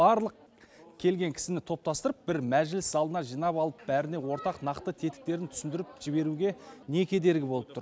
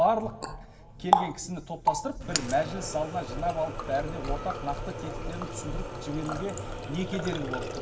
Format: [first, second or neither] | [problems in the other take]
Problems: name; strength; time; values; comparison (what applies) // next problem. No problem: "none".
first | background sound (Water tap, faucet); 1 dB below the speech // room echo; dies away in 1.5 s